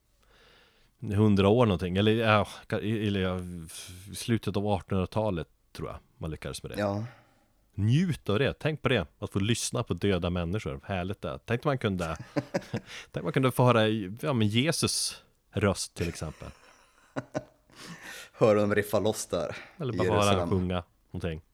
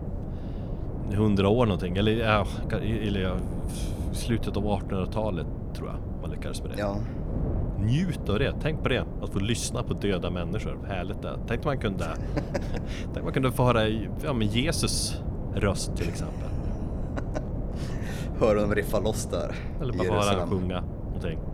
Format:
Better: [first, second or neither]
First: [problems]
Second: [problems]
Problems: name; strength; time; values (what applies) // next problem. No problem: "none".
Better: first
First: none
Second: wind noise on the microphone; occasional gusts; 10 dB below the speech